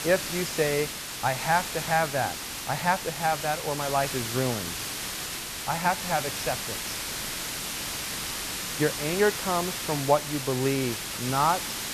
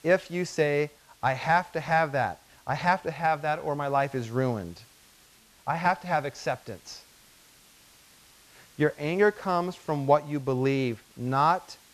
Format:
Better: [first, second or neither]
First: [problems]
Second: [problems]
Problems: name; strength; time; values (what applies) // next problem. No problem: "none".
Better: second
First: hiss; loud; throughout; 3 dB below the speech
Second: hiss; faint; throughout; 25 dB below the speech